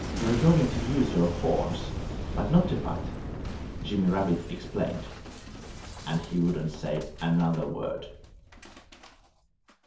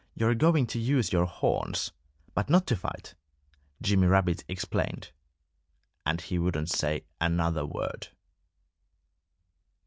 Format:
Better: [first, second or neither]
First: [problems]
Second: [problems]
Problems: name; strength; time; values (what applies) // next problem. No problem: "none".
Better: second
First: background sound (Boom); 7 dB below the speech // room echo; dies away in 0.5 s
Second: none